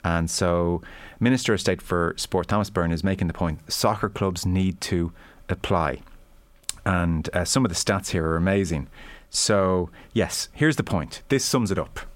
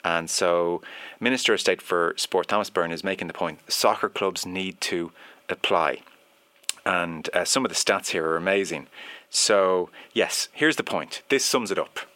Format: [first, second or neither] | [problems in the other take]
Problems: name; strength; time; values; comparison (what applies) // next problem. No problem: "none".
first | thin; somewhat; fading below 400 Hz